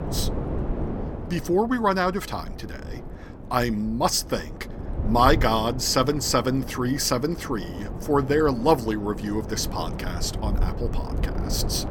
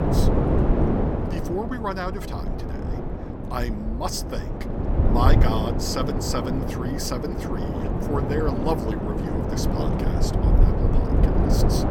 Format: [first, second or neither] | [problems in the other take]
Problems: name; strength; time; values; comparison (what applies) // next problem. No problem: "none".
first | wind noise on the microphone; heavy; as loud as the speech; occasional gusts in the first